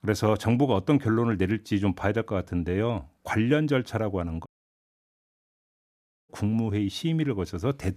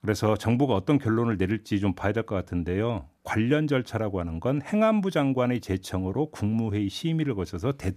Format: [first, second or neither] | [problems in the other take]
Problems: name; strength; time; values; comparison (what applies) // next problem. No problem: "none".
second | audio cutting out; at 4.5 s for 2 s